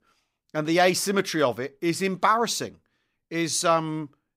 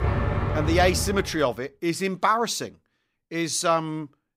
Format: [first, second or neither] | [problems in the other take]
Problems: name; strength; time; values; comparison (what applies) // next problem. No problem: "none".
first | traffic noise; loud; at the start; 3 dB below the speech